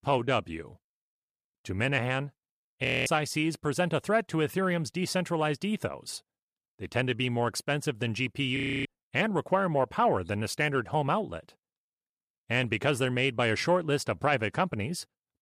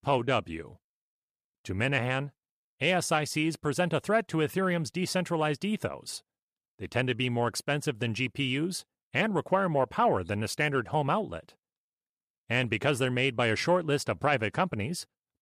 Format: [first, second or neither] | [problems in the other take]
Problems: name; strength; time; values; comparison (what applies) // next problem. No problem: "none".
second | audio freezing; at 3 s and at 8.5 s